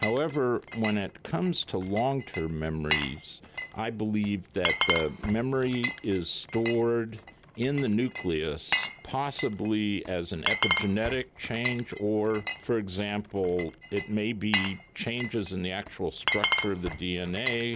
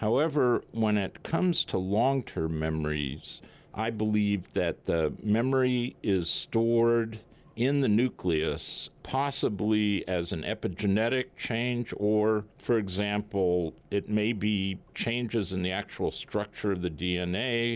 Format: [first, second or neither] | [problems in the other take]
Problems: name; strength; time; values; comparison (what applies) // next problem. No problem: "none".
second | background sound (Glass); 5 dB below the speech